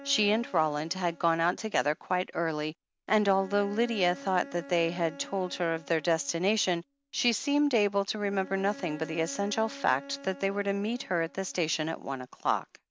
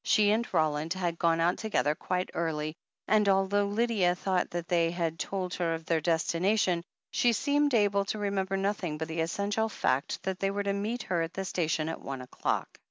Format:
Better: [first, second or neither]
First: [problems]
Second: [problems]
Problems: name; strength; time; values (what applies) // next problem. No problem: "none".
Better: second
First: background sound (Bowed string instrument); 19 dB below the speech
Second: none